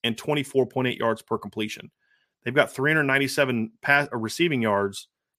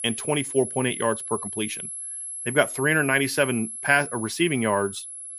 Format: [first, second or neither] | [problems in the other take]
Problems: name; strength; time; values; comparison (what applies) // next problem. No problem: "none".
first | high-pitched whine; loud; throughout; 11 kHz, 8 dB below the speech